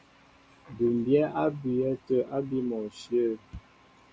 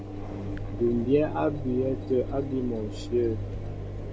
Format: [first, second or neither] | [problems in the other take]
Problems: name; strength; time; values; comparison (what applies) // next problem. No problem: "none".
first | background sound (Engine); 5 dB below the speech